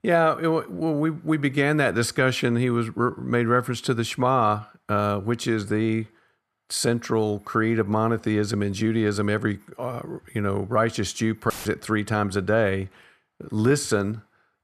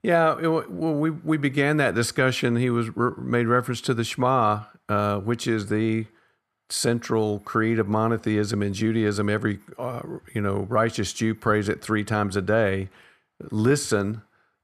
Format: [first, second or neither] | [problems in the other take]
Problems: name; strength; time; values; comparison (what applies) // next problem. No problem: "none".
second | audio cutting out; filled with static; at 12 s